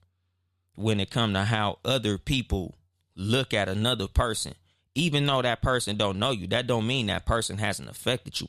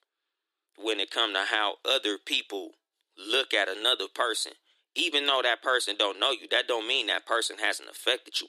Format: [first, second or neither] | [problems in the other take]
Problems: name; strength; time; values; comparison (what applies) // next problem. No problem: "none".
first | thin; very; fading below 300 Hz